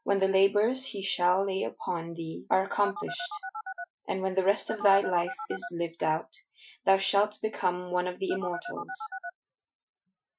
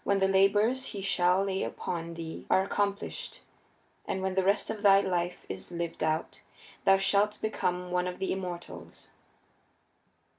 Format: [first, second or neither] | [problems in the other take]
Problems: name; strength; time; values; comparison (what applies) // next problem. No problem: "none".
second | noise reduction (classical method Wiener filter)